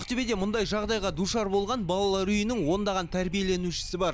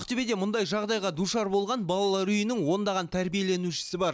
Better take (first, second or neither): second